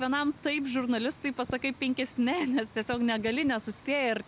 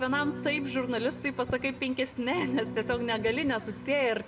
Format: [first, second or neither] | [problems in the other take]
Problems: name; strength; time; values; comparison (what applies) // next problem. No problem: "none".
first | background sound (Electric guitar / Strum); 11 dB below the speech // room echo; dies away in 0.8 s